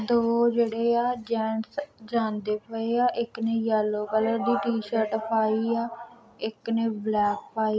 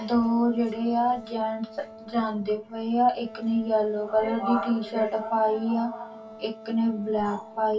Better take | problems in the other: first | background sound (Wind instrument, woodwind instrument); 18 dB below the speech // room echo; dies away in 0.1 s

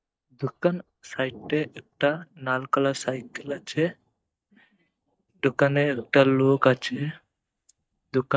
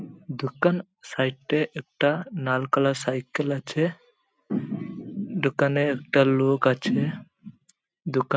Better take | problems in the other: second | noise reduction (neural mask model DeepFilterNet 3)

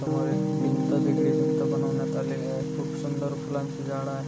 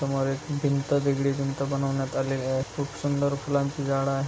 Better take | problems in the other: second | background sound (Piano); 4 dB above the speech

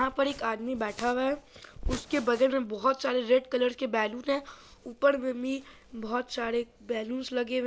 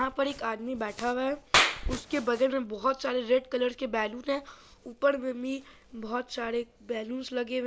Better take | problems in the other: first | background sound (Clapping); 2 dB below the speech

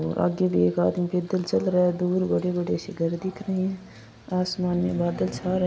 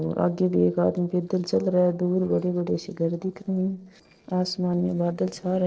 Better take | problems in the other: first | noise reduction (neural separator model SepFormer DNS4)

